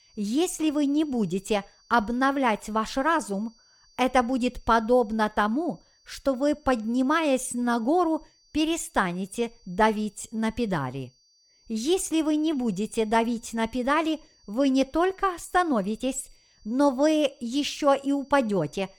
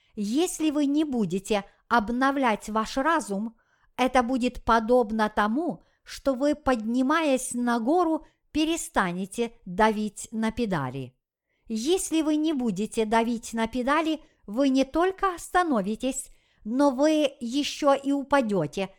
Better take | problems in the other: second | high-pitched whine; faint; throughout; 4.5 kHz, 35 dB below the speech

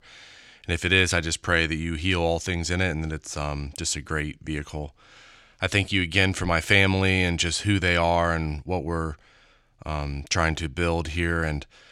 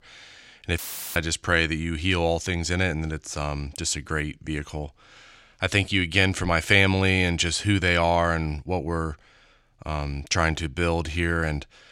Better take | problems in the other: first | audio cutting out; filled with static; at 1 s

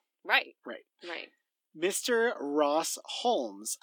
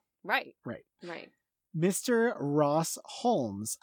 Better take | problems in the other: second | thin; somewhat; fading below 300 Hz

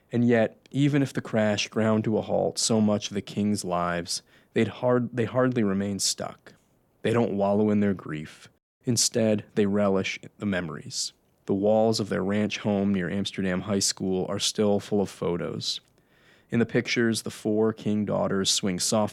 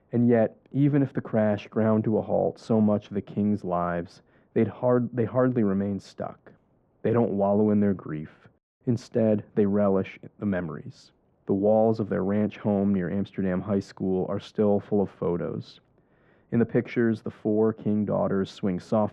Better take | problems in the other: first | muffled; very; fading above 3.5 kHz

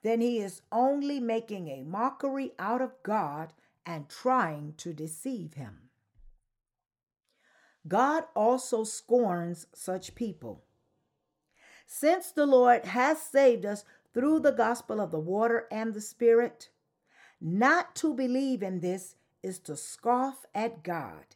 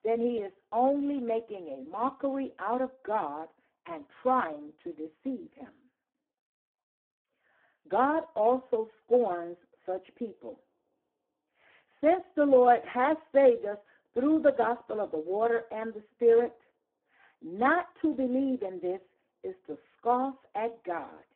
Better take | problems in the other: first | phone-call audio; poor line

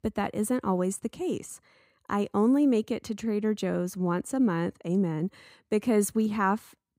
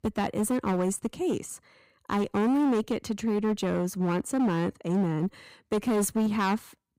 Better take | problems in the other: first | distortion; slight; 13% of the sound clipped

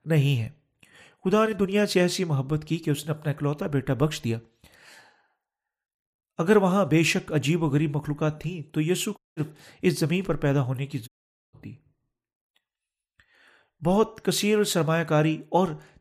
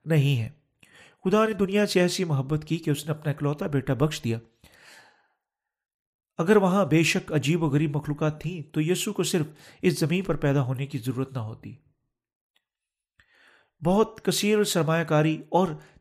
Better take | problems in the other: second | audio cutting out; at 9 s and at 11 s

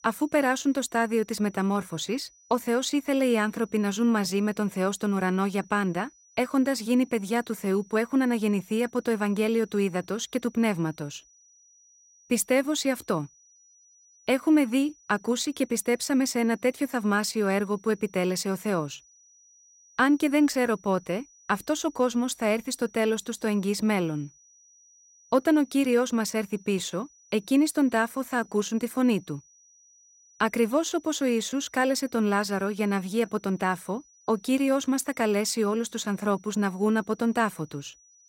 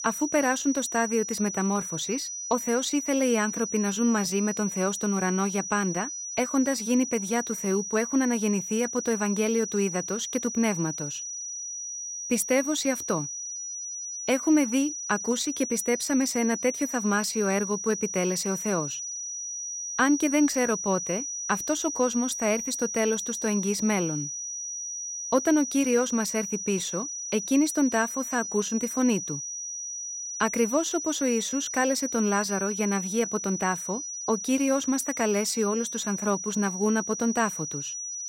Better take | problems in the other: first | high-pitched whine; loud; throughout; 6 kHz, 5 dB below the speech; faint in the first

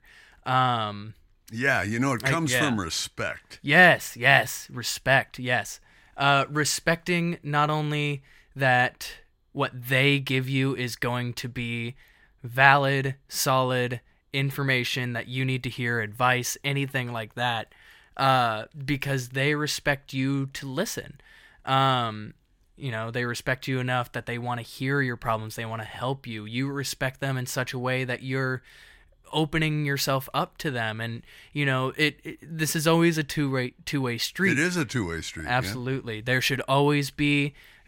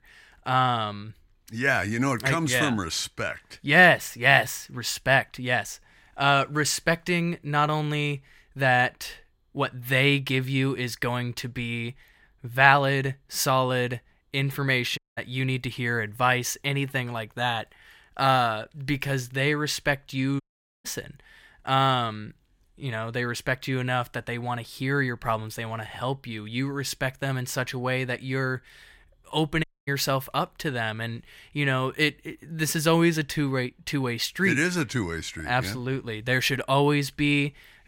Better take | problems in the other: first | audio cutting out; at 15 s, at 20 s and at 30 s

